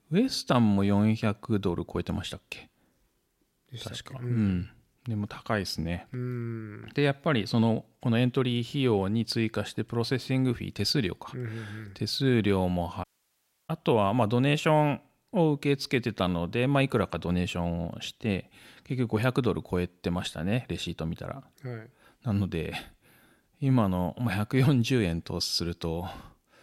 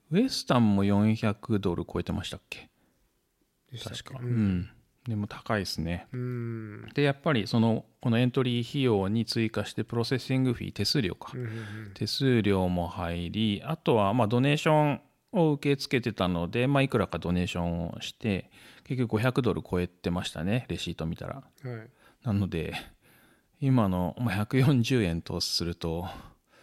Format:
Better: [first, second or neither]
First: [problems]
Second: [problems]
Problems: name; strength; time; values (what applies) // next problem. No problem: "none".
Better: second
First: audio cutting out; at 13 s for 0.5 s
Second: none